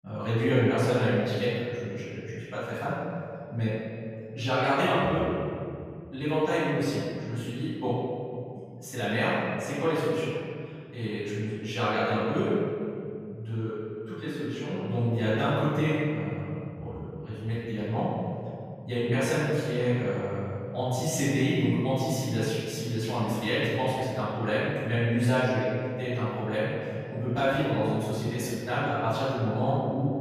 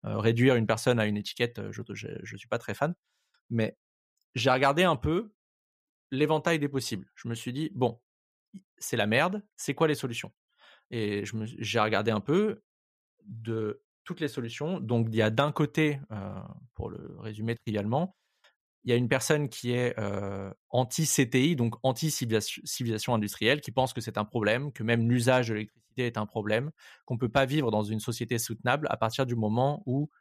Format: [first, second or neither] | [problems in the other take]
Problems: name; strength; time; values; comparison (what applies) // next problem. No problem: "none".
second | room echo; strong; dies away in 2.5 s // off-mic speech; far